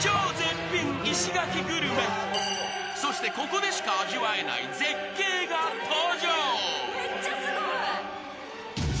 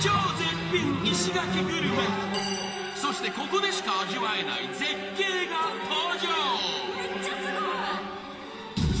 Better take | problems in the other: first | room echo; dies away in 1.3 s

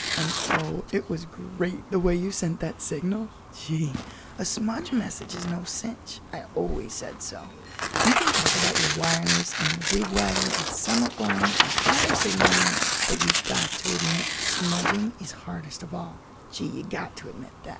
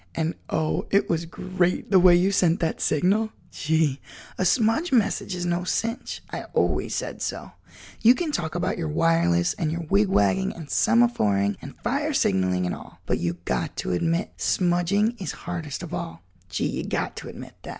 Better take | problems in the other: second | background sound (Tearing); 1 dB above the speech

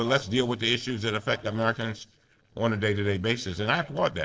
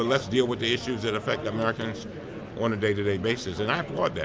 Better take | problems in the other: second | noise reduction (neural separator model SepFormer DNS4)

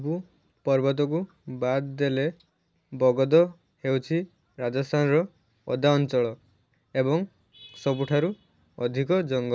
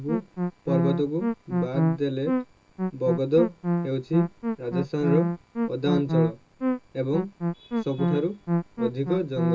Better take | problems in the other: first | background sound (Musical instrument); 1 dB above the speech // room echo; dies away in 0.2 s

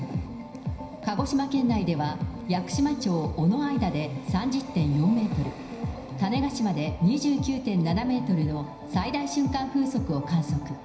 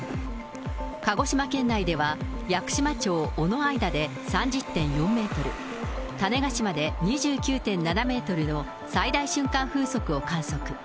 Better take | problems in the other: second | room echo; dies away in 0.9 s

